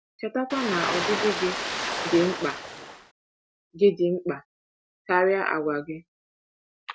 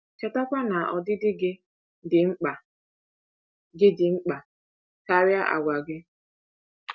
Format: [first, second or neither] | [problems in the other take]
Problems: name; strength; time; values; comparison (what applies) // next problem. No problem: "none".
second | background sound (Ocean); 3 dB below the speech